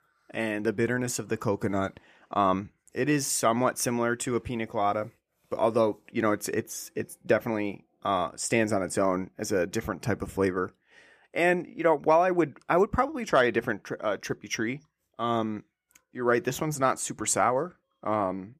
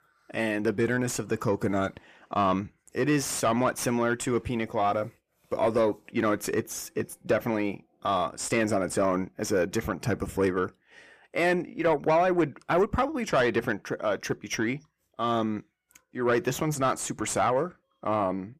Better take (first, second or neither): first